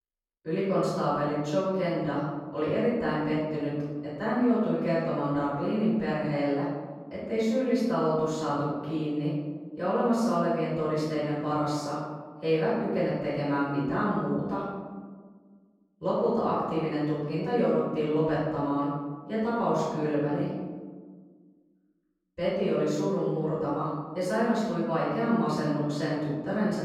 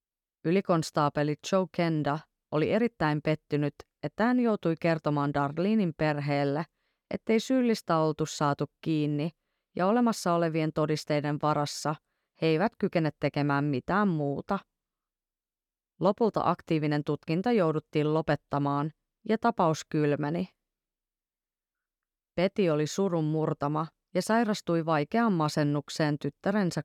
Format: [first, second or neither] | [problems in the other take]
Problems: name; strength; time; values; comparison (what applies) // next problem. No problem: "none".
second | off-mic speech; far // room echo; strong; dies away in 1.4 s